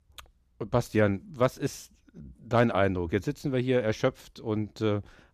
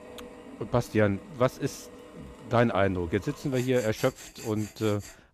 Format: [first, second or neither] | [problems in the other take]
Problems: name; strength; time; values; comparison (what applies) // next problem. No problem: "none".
first | machinery noise; noticeable; throughout; 15 dB below the speech